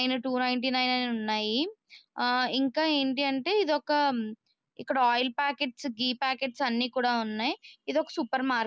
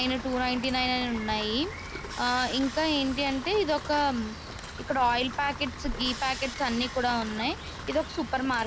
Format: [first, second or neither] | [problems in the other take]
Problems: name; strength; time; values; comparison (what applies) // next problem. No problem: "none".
first | background sound (Rain + Sawing); 9 dB below the speech